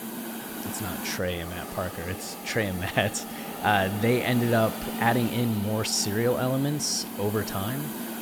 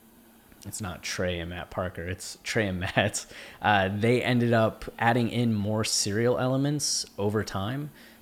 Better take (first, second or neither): second